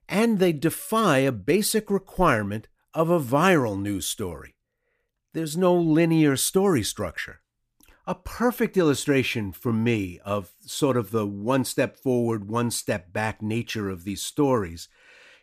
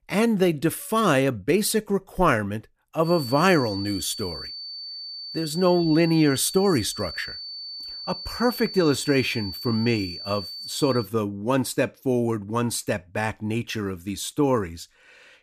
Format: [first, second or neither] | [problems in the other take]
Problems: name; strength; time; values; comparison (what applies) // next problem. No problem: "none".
first | high-pitched whine; loud; from 3 to 11 s; 4.5 kHz, 9 dB below the speech